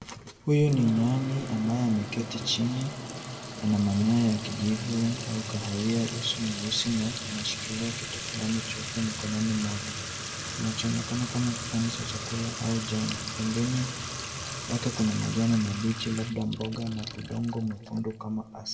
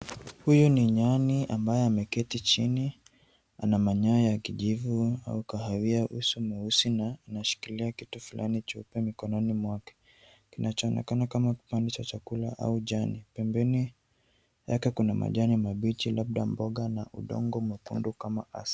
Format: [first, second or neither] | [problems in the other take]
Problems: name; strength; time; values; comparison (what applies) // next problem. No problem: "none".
second | background sound (Fill (with liquid) / Trickle, dribble / Sink (filling or washing)); 8 dB below the speech // room echo; dies away in 1.3 s